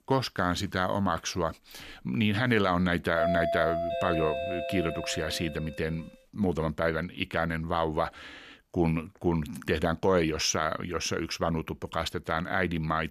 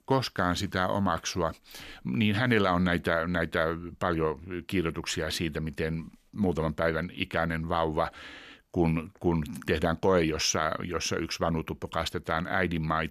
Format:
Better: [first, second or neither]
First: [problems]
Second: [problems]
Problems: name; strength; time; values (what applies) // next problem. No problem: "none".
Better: second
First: doorbell; loud; from 3 to 5.5 s; peak 1 dB above the speech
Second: none